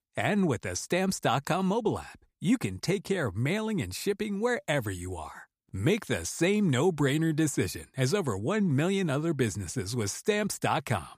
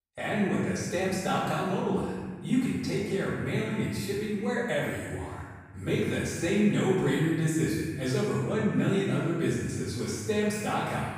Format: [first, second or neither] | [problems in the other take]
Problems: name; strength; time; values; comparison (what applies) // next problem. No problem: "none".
first | off-mic speech; far // room echo; strong; dies away in 1.4 s